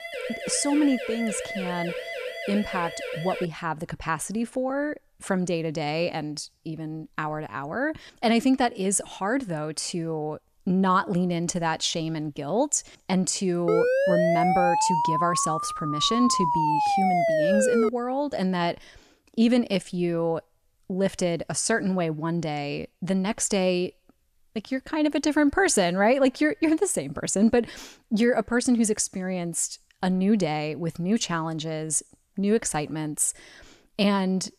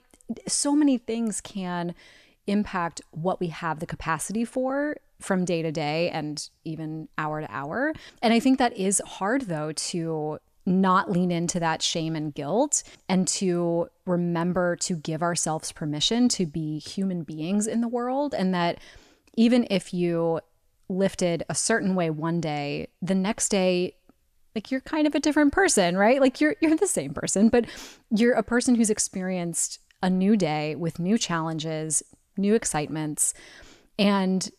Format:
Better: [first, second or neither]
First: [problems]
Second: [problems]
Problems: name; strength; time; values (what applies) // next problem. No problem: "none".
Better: second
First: siren; noticeable; until 3.5 s; peak 7 dB below the speech // siren; loud; from 14 to 18 s; peak 4 dB above the speech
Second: none